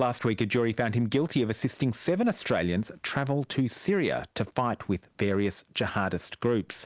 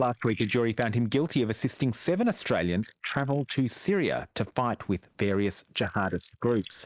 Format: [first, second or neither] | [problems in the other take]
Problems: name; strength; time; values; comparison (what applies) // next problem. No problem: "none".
first | noise reduction (neural mask model Resemble Enhance denoiser)